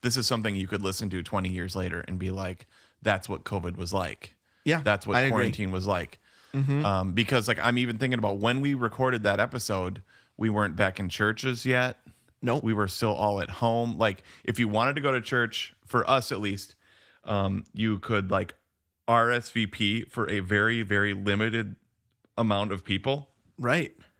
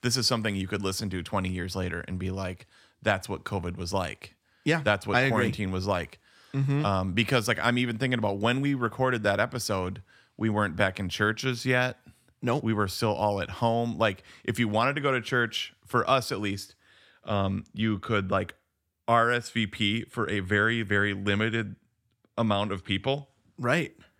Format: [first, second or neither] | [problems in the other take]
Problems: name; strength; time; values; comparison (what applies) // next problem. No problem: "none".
second | garbled, watery; slightly; nothing above 15.5 kHz